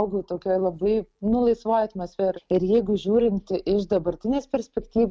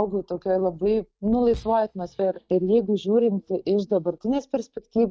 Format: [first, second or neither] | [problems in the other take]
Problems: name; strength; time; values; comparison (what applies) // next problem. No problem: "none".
first | noise reduction (neural mask model DeepFilterNet 3)